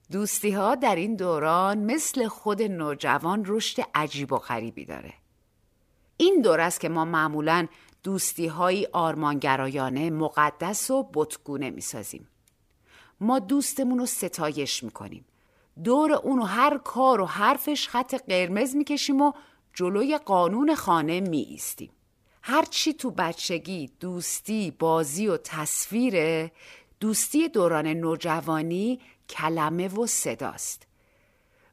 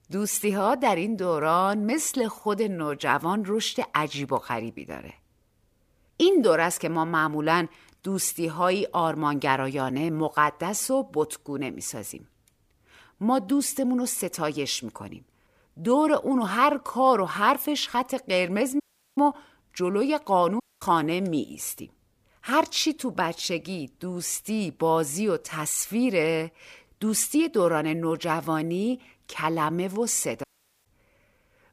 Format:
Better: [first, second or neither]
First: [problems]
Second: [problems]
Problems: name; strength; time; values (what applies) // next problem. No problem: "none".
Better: first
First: none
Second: audio cutting out; at 19 s, at 21 s and at 30 s